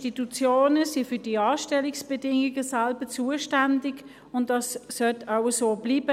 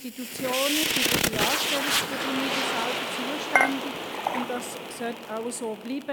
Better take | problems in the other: first | background sound (Dishes, pots, and pans / Chink, clink + Fire); 5 dB above the speech

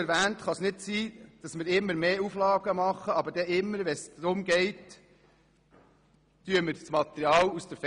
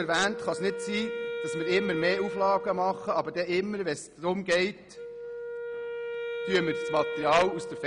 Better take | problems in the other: first | background sound (Wind instrument, woodwind instrument); 6 dB below the speech

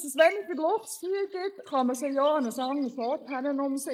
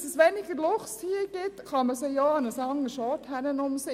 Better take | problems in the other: second | noise reduction (neural mask model Resemble Enhance denoiser)

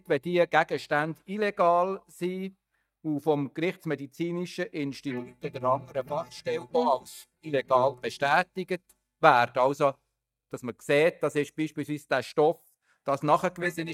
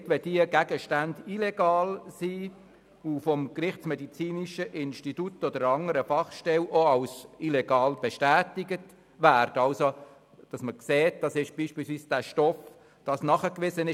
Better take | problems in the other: second | noise reduction (neural mask model DeepFilterNet 3)

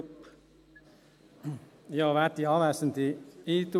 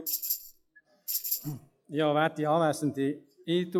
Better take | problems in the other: first | noise reduction (classical method log-MMSE)

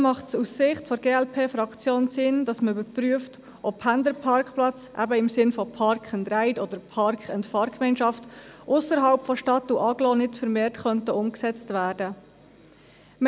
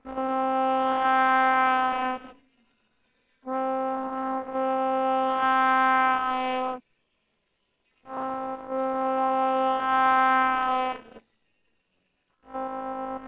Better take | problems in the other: first | noise reduction (neural separator model SepFormer WHAMR!)

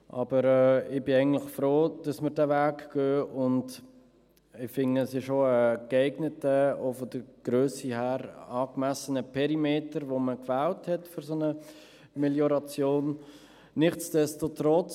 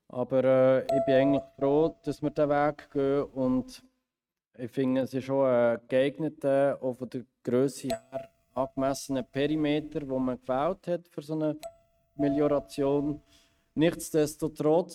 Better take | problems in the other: first | noise reduction (neural mask model RNNoise)

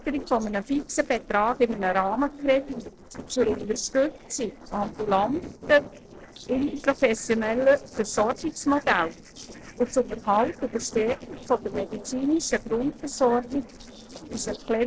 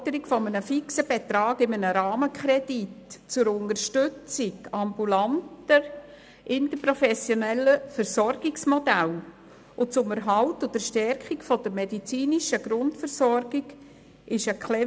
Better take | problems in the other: second | noise reduction (neural separator model SepFormer DNS4)

